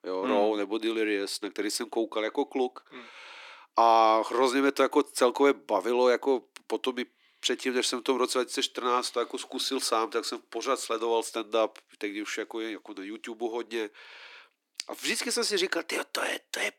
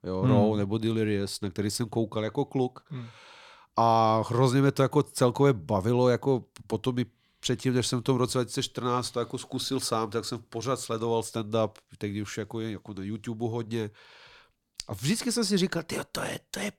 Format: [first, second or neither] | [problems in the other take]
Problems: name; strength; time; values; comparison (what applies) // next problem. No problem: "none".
second | thin; somewhat; fading below 300 Hz